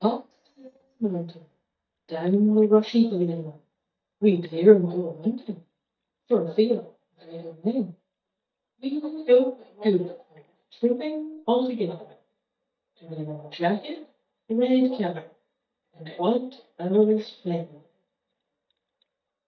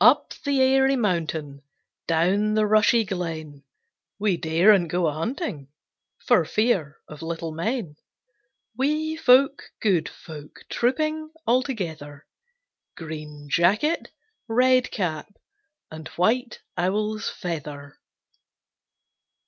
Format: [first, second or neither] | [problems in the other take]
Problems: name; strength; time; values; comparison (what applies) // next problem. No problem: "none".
second | noise reduction (neural mask model DeepFilterNet 3)